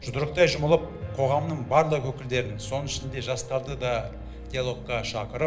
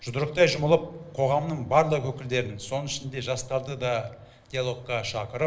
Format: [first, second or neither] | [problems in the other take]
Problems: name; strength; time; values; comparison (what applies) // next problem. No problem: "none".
second | background sound (Piano); 13 dB below the speech